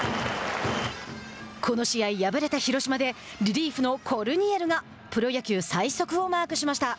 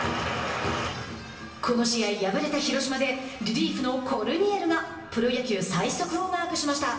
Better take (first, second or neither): first